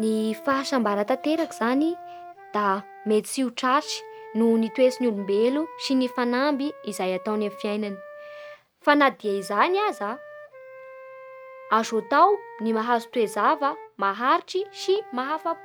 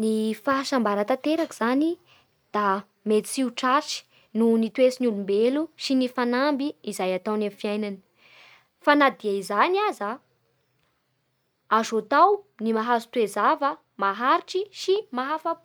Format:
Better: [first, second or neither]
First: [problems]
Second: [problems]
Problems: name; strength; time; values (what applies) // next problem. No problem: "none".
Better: second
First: background sound (Wind instrument, woodwind instrument); 18 dB below the speech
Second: none